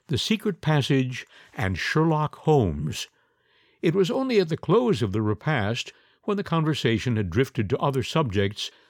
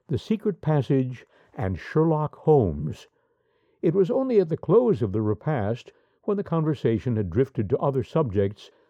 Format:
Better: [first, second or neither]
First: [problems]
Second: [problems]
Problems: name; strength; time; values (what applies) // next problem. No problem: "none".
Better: first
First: none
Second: muffled; very; fading above 1.5 kHz